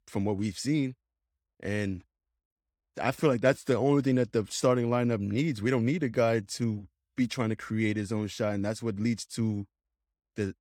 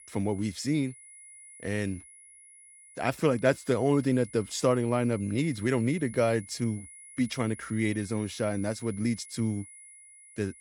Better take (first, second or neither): first